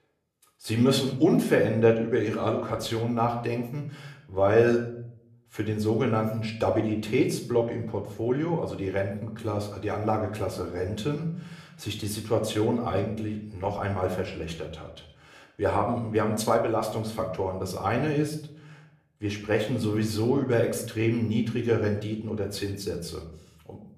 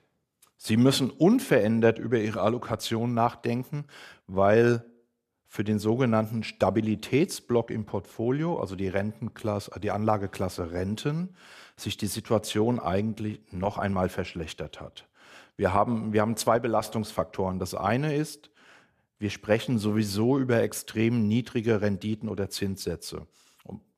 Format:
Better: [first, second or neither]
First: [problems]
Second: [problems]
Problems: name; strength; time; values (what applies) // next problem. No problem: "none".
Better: second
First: room echo; slight; dies away in 0.5 s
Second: none